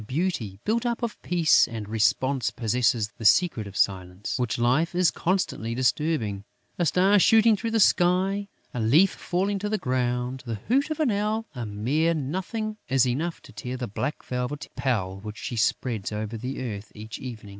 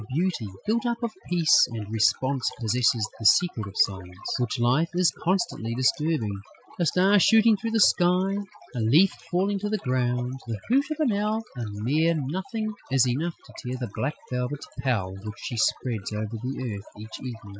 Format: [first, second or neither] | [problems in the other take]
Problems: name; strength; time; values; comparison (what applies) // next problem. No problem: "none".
first | noise reduction (classical method Wiener filter)